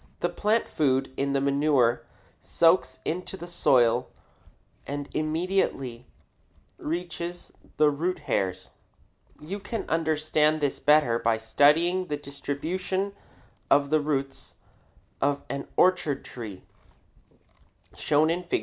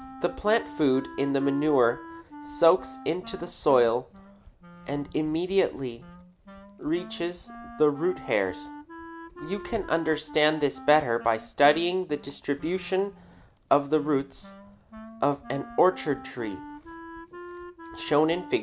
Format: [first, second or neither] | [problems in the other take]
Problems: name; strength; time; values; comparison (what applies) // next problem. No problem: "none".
first | background sound (Wind instrument, woodwind instrument); 17 dB below the speech